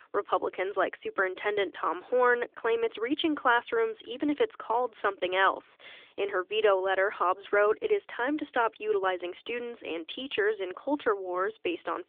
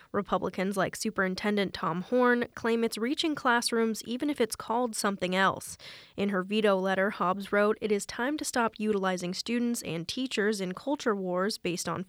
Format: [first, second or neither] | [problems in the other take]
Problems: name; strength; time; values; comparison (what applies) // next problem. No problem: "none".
second | phone-call audio; nothing above 3.5 kHz